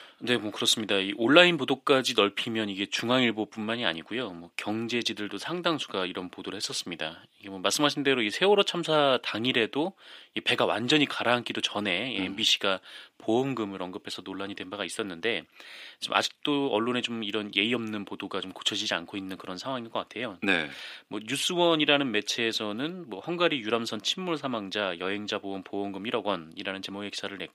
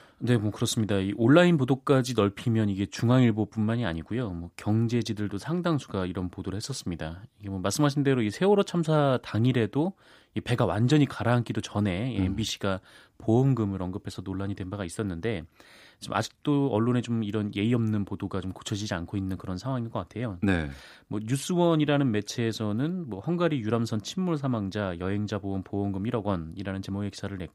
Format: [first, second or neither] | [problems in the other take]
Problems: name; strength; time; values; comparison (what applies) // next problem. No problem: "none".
second | thin; somewhat; fading below 350 Hz